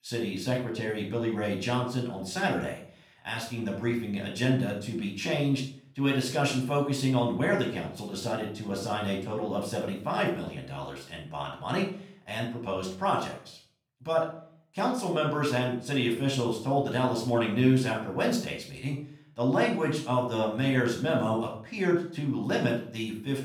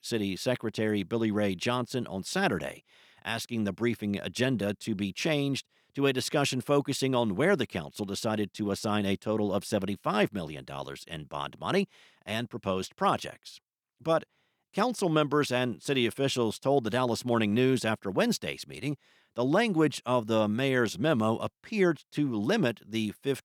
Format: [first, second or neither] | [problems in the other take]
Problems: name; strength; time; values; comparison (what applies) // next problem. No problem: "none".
second | off-mic speech; far // room echo; noticeable; dies away in 0.4 s